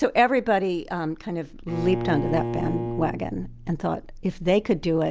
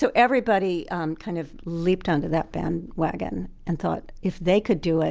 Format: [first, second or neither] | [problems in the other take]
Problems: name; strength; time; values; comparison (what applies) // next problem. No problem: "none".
second | background sound (Bowed string instrument); 6 dB below the speech